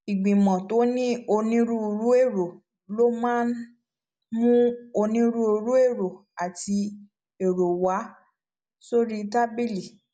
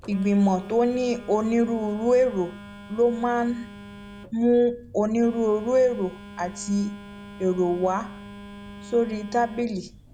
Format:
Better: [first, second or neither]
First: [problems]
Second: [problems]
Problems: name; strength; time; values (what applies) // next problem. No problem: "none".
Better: first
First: none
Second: background sound (Telephone); 17 dB below the speech